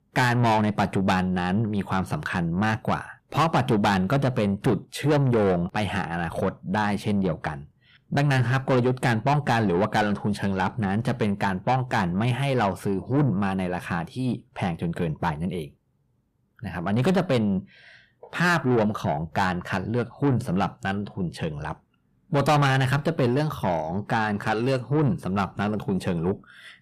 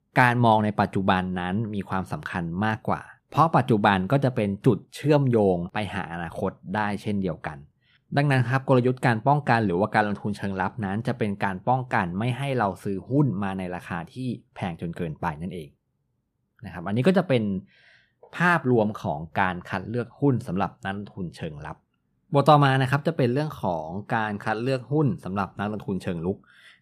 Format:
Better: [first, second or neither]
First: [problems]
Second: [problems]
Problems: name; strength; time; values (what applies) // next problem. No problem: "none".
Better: second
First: distortion; heavy; 8 dB below the speech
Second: none